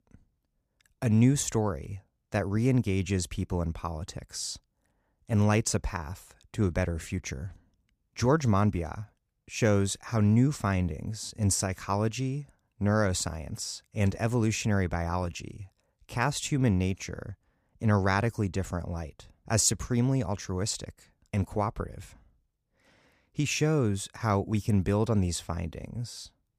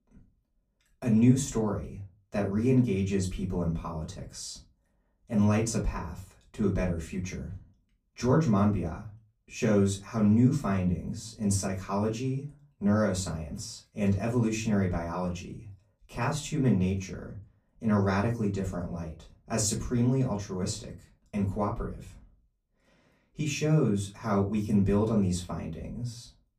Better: first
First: none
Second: off-mic speech; far // room echo; very slight; dies away in 0.2 s

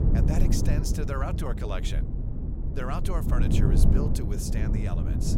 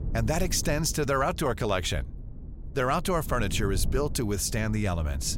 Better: second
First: low rumble; loud; throughout; 2 dB below the speech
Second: low rumble; faint; throughout; 20 dB below the speech

